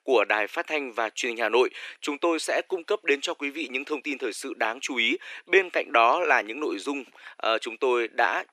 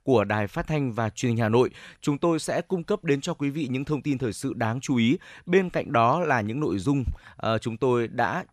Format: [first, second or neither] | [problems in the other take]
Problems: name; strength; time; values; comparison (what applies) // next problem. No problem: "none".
second | thin; somewhat; fading below 350 Hz